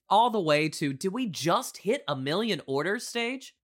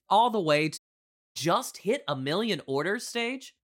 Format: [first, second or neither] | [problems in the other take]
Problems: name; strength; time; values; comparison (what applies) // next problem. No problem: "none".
first | audio cutting out; at 1 s for 0.5 s